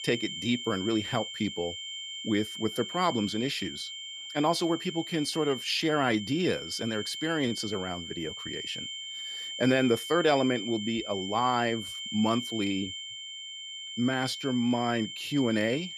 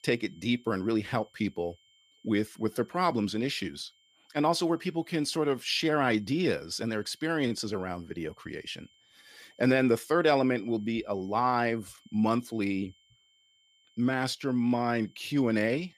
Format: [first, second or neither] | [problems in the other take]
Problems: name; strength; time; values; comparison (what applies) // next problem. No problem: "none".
second | high-pitched whine; loud; throughout; 3 kHz, 7 dB below the speech; faint in the second